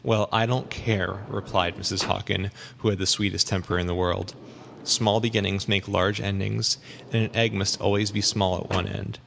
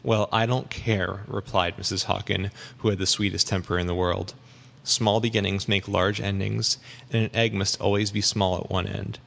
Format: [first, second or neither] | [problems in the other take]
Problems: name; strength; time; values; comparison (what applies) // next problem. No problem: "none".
second | background sound (Sliding door); 18 dB below the speech